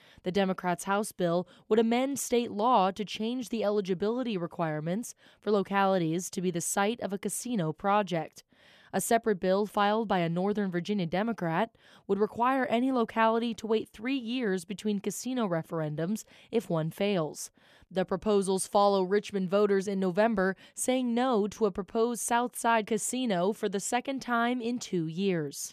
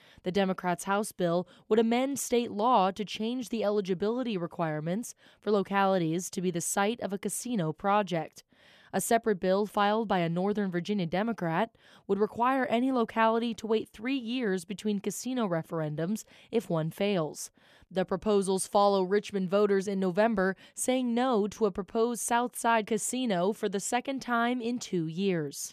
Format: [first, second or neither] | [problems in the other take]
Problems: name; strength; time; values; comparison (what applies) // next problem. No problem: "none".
neither | none